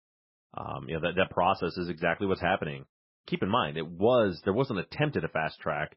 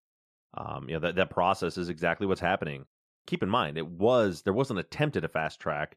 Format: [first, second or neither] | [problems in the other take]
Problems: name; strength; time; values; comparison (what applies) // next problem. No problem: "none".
second | garbled, watery; badly; nothing above 5.5 kHz